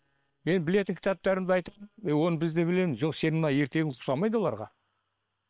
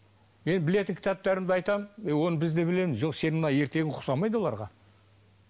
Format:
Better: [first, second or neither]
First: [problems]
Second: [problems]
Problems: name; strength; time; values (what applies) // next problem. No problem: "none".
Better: second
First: noise reduction (neural separator model SepFormer WHAM!)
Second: none